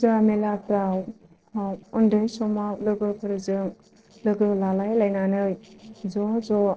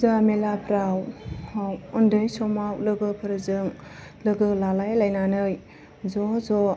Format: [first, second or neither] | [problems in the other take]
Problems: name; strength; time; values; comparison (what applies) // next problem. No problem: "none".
second | noise reduction (neural separator model SepFormer DNS4)